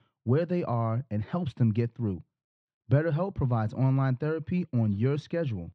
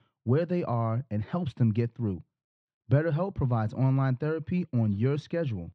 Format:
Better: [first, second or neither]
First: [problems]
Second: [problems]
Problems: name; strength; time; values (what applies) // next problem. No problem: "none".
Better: neither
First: muffled; slightly; fading above 3.5 kHz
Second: muffled; slightly; fading above 3.5 kHz